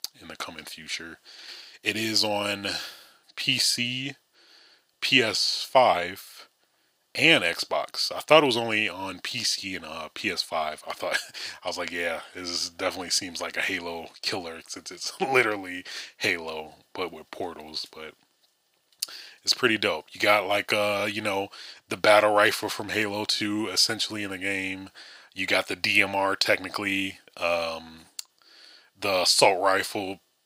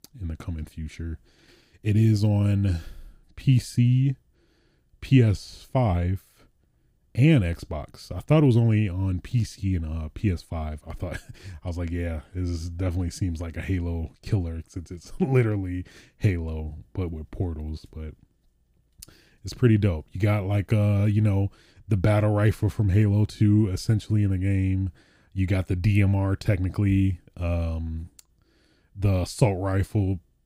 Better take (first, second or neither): second